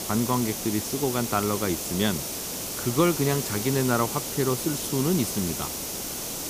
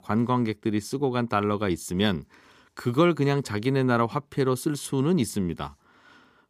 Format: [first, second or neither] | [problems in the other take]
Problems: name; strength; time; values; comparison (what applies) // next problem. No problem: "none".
second | hiss; loud; throughout; 3 dB below the speech